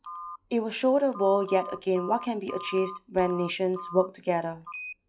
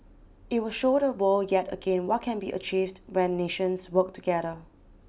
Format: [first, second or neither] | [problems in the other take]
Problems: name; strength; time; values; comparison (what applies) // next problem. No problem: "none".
second | noise reduction (classical method log-MMSE)